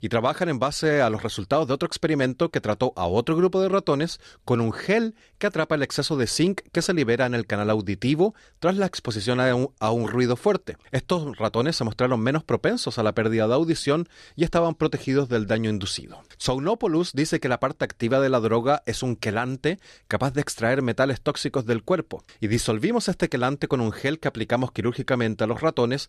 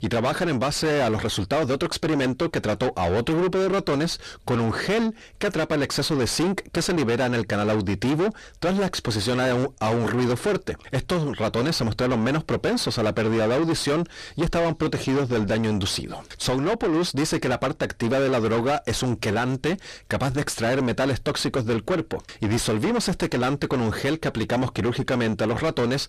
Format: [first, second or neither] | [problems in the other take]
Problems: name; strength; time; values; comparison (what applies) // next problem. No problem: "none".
first | distortion; heavy; 5 dB below the speech